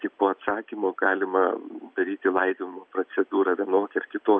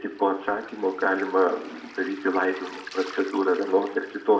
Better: first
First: none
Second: background sound (Waves, surf); 19 dB below the speech // room echo; dies away in 0.7 s

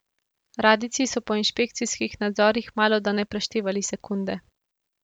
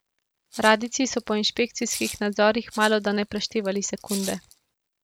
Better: first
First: none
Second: background sound (Rattle (instrument)); 15 dB below the speech

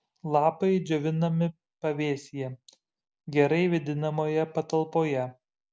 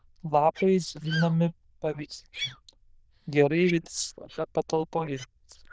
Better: first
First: none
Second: noise reduction (neural diffusion model UNIVERSE++)

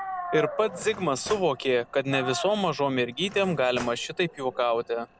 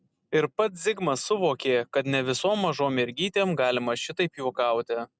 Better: second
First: background sound (Dog + Cutlery, silverware / Drawer open or close); 12 dB below the speech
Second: none

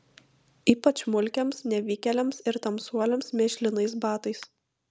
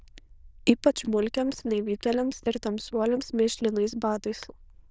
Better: first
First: none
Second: noise reduction (neural diffusion model UNIVERSE++)

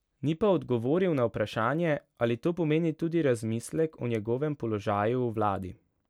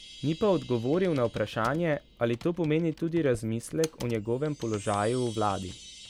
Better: first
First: none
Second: background sound (Computer keyboard + Chime); 18 dB below the speech

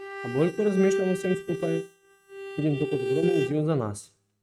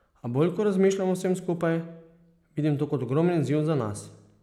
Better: second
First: noise reduction (neural mask model RNNoise)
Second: none

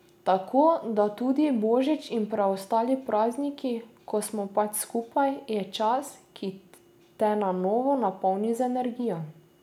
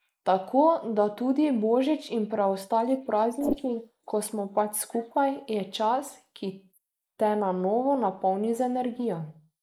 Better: first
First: none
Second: noise reduction (neural mask model Resemble Enhance denoiser)

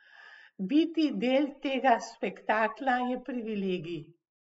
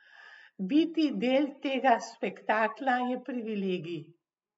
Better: second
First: noise reduction (neural mask model Resemble Enhance denoiser)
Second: none

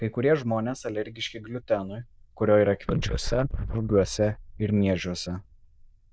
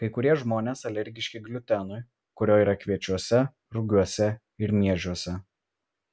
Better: second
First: noise reduction (neural diffusion model UNIVERSE++)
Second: none

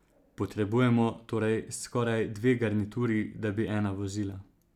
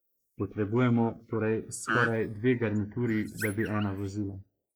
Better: first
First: none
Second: noise reduction (neural mask model Resemble Enhance denoiser)

